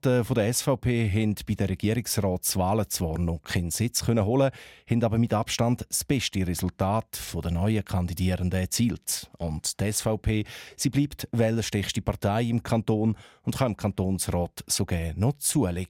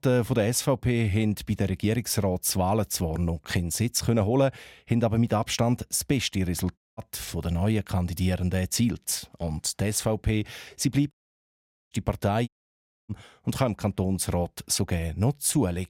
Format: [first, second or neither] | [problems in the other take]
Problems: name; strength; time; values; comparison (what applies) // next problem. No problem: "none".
first | audio cutting out; at 7 s, at 11 s for 1 s and at 12 s for 0.5 s